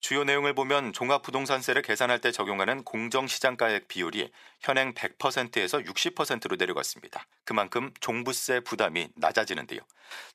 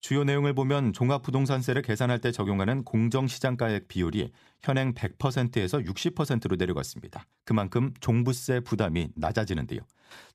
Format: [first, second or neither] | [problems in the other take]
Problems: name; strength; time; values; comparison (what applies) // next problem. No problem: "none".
second | thin; very; fading below 550 Hz